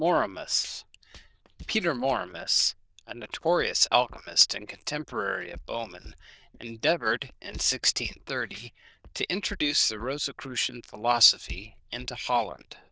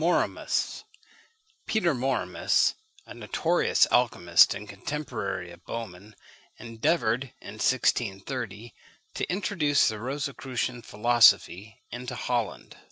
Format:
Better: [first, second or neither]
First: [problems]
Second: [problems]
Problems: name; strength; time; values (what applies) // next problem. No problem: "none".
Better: second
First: noise reduction (neural diffusion model UNIVERSE++)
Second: none